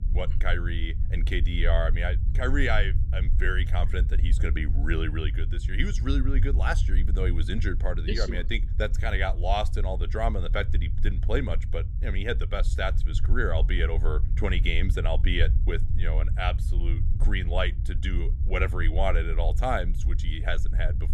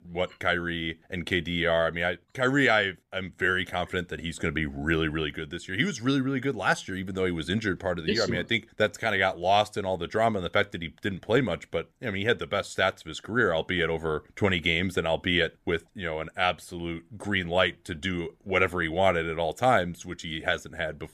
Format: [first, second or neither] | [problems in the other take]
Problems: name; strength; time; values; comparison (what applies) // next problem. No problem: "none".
second | low rumble; noticeable; throughout; 15 dB below the speech